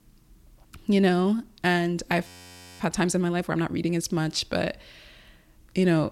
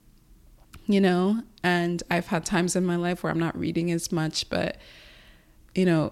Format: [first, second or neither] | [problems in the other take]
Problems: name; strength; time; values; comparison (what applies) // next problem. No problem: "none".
second | audio freezing; at 2.5 s for 0.5 s